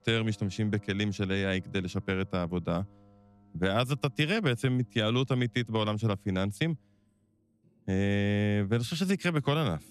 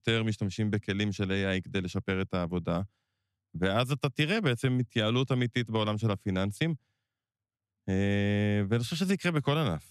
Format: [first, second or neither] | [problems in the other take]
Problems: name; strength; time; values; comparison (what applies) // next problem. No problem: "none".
second | background music; faint; throughout; 30 dB below the speech